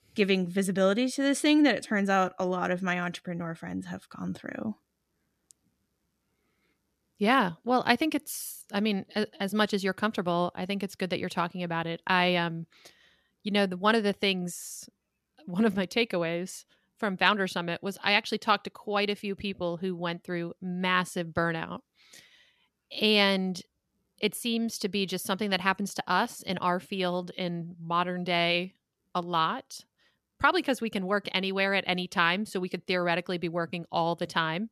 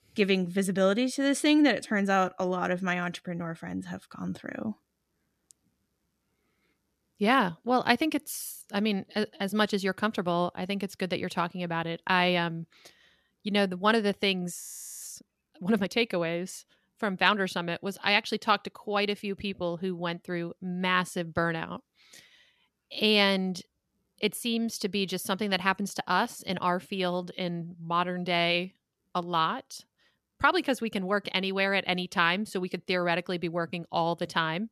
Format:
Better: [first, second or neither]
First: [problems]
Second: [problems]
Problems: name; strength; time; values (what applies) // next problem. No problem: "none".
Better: first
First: none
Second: audio freezing; at 15 s